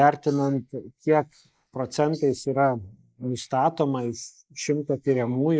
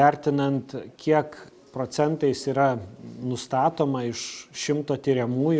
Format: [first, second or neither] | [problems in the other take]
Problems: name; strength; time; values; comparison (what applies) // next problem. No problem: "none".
second | noise reduction (neural mask model Resemble Enhance denoiser)